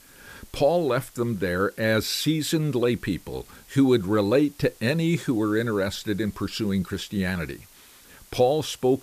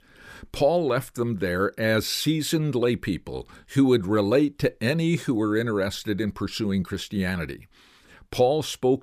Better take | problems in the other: second | hiss; faint; throughout; 25 dB below the speech

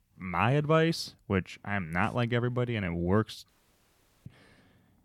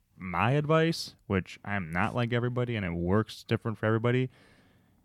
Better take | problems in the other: second | audio cutting out; at 3.5 s for 1 s

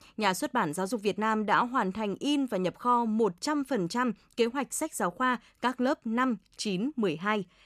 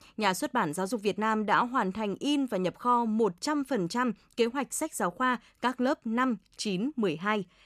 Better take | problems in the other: neither | none

